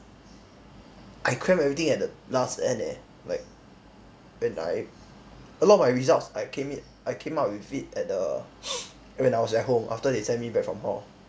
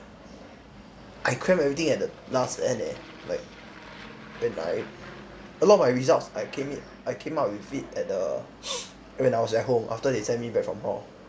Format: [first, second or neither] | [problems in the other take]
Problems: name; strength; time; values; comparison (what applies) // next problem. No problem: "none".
first | background sound (Aircraft); 19 dB below the speech